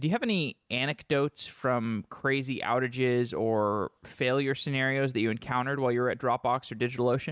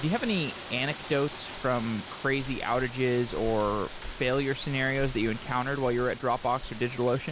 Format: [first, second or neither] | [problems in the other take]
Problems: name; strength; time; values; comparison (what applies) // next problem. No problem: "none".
first | background sound (Rain); 11 dB below the speech